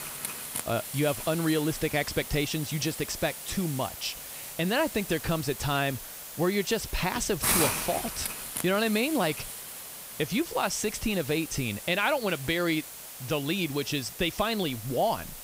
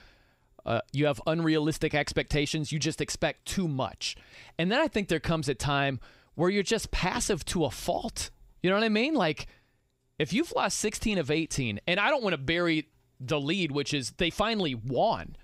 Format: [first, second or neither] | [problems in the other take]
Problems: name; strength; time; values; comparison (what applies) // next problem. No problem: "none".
second | hiss; loud; throughout; 6 dB below the speech